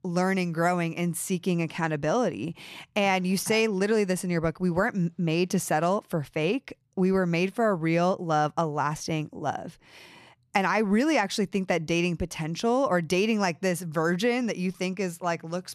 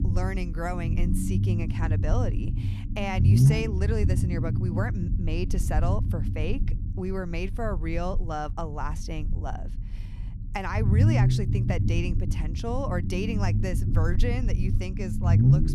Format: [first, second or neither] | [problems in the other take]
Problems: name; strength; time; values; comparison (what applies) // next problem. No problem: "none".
first | low rumble; loud; throughout; 4 dB below the speech